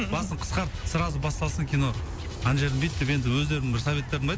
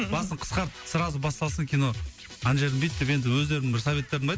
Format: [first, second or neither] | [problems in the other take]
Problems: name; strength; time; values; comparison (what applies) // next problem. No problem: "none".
second | background sound (Aircraft); 7 dB below the speech